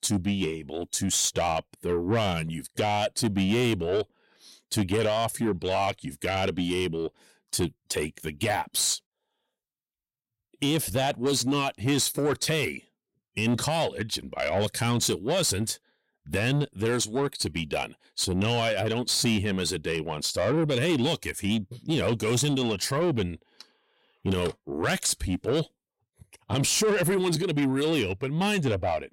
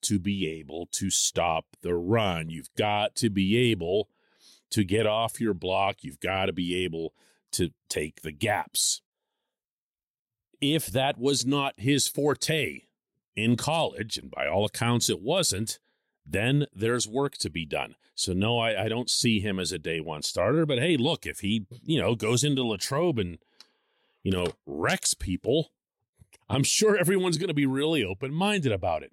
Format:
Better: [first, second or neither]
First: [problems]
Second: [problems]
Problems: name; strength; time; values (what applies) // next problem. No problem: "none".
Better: second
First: distortion; slight; 10 dB below the speech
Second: none